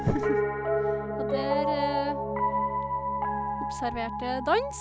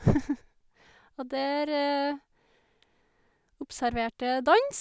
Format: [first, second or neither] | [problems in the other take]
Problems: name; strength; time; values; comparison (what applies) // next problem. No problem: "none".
second | background sound (Piano); 4 dB above the speech